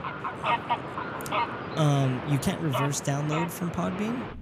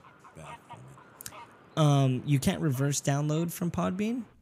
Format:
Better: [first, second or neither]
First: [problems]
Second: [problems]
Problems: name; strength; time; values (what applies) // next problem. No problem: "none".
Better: second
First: animal sounds; loud; throughout; 4 dB below the speech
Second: animal sounds; faint; throughout; 25 dB below the speech